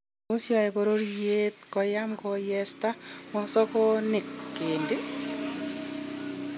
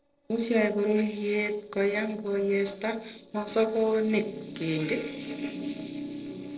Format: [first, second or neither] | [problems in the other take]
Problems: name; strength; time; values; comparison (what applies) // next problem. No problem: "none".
first | noise reduction (neural separator model SepFormer DNS4)